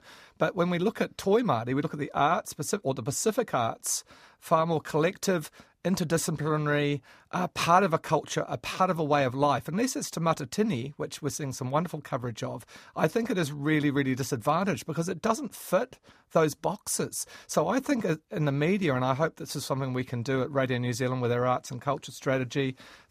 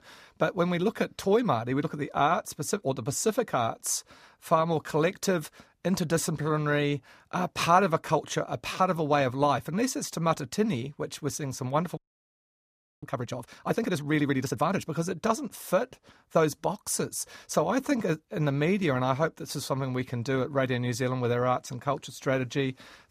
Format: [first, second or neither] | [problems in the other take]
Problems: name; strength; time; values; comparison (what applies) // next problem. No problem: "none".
first | audio freezing; at 12 s for 1 s